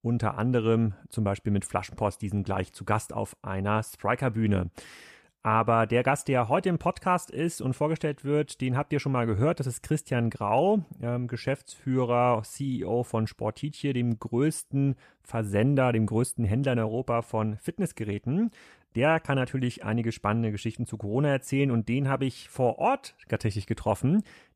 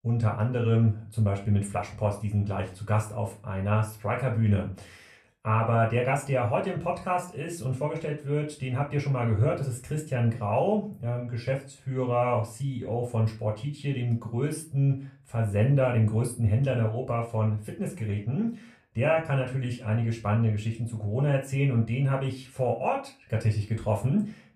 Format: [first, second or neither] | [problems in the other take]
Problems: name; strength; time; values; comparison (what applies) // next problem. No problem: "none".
first | off-mic speech; somewhat distant // room echo; very slight; dies away in 0.3 s